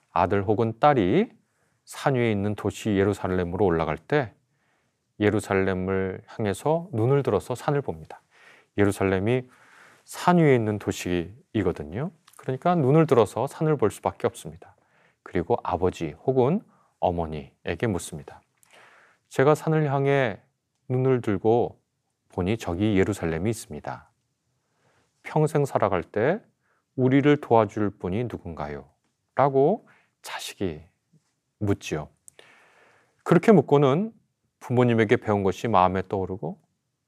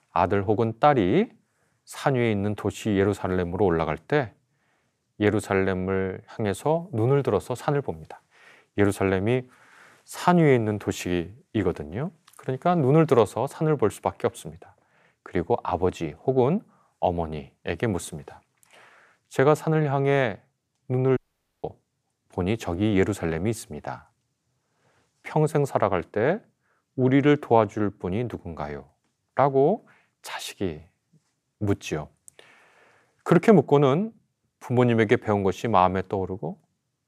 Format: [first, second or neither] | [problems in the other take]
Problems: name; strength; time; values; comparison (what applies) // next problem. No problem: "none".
first | audio cutting out; at 21 s